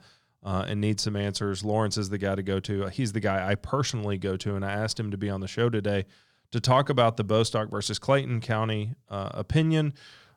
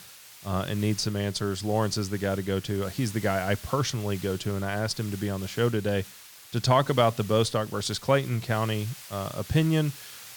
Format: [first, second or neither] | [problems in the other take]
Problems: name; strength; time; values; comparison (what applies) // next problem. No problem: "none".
first | hiss; noticeable; throughout; 15 dB below the speech